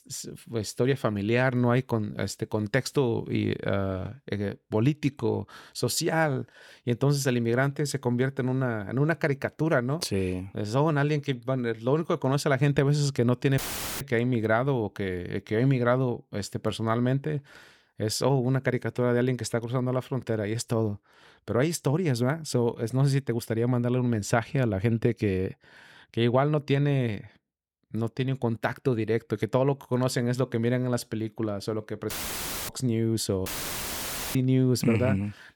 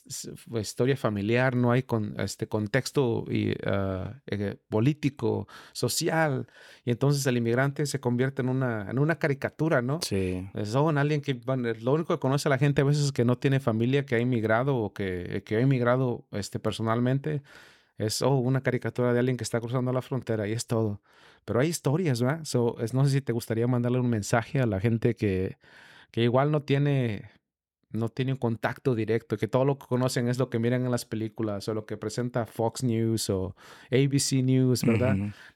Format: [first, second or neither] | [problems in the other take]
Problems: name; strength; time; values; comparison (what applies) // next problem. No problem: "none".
second | audio cutting out; filled with static; at 14 s, at 32 s for 0.5 s and at 33 s for 1 s